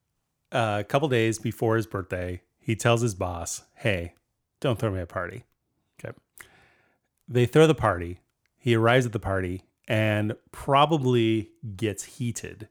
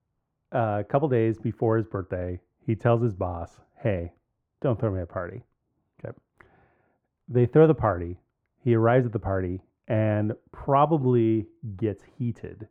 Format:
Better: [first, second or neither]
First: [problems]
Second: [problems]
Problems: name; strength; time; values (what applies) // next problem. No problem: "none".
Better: first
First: none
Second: muffled; very; fading above 3 kHz